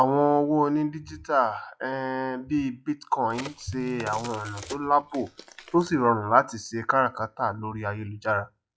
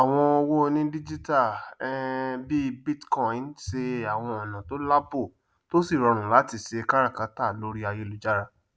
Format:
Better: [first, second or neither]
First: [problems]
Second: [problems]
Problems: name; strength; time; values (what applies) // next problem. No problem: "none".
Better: second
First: noise reduction (classical method log-MMSE)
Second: none